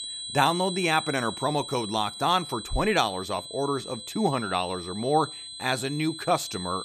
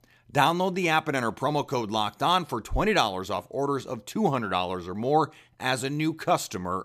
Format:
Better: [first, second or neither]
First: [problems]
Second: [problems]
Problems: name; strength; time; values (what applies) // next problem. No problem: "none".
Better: second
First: high-pitched whine; loud; throughout; 4 kHz, 9 dB below the speech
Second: none